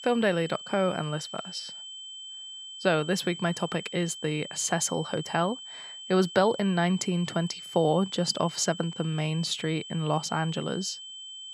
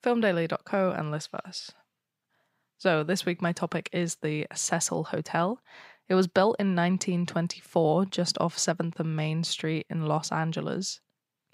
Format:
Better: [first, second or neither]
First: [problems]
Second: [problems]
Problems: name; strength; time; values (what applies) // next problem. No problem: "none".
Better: second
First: high-pitched whine; noticeable; throughout; 3 kHz, 10 dB below the speech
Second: none